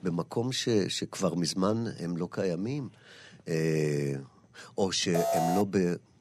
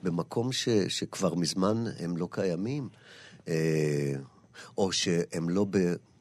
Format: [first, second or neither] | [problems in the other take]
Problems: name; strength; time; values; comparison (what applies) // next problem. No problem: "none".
second | alarm; loud; at 5 s; peak 1 dB above the speech